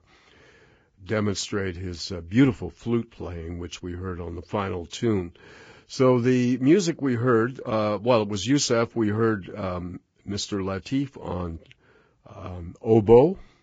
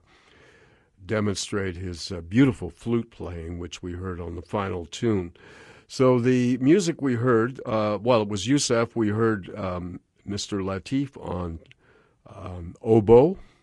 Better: second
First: garbled, watery; badly; nothing above 7.5 kHz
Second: garbled, watery; slightly

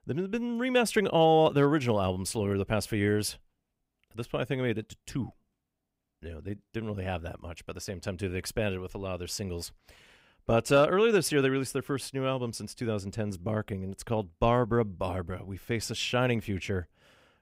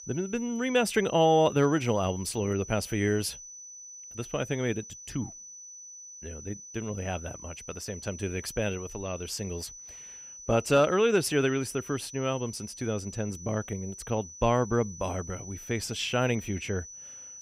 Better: first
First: none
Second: high-pitched whine; noticeable; throughout; 6 kHz, 15 dB below the speech

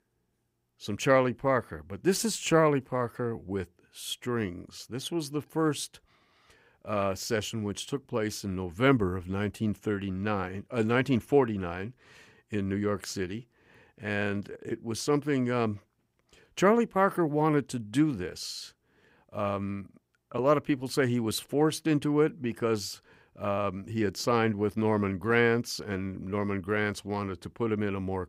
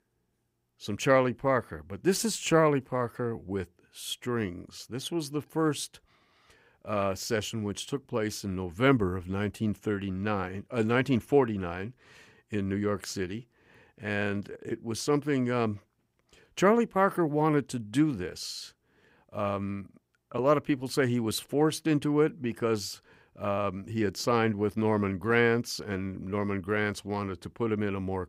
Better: neither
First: none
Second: none

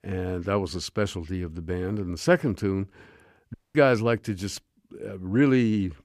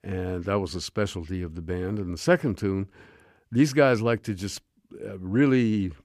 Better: second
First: audio cutting out; at 3.5 s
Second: none

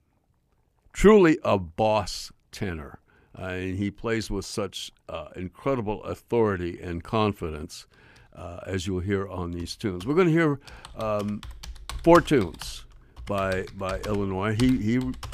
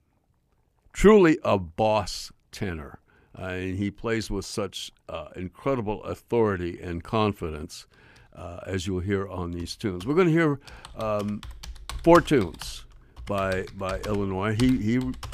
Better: neither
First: household noises; noticeable; throughout; 15 dB below the speech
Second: household noises; noticeable; throughout; 15 dB below the speech

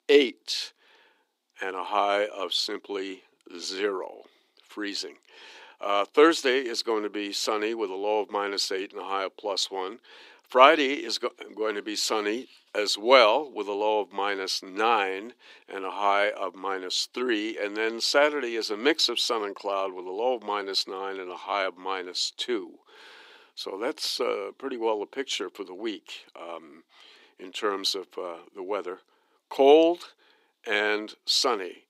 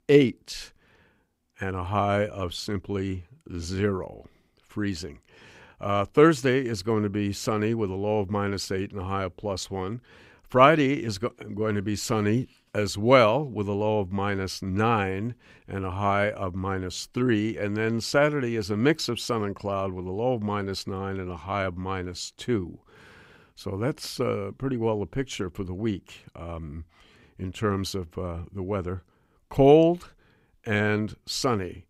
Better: second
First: thin; somewhat; fading below 300 Hz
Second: none

